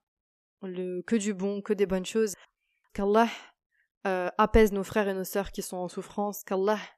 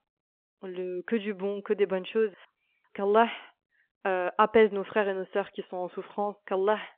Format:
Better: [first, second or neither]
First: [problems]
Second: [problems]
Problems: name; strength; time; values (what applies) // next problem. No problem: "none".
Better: first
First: none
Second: phone-call audio